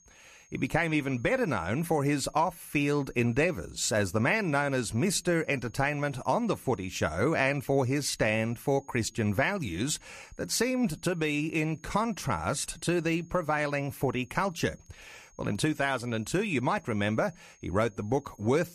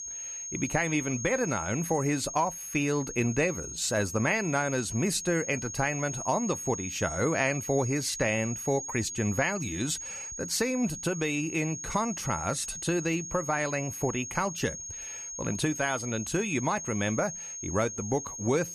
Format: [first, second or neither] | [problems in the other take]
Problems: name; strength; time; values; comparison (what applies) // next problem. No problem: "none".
first | high-pitched whine; loud; throughout; 6.5 kHz, 7 dB below the speech; faint in the first